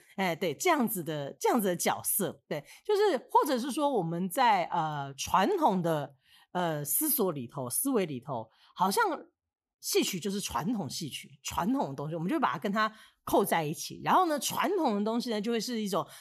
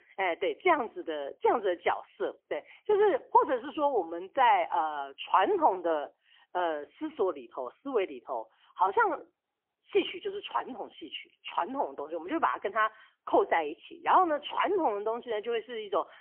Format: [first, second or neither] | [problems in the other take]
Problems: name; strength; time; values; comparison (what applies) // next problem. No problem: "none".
first | phone-call audio; poor line; nothing above 3 kHz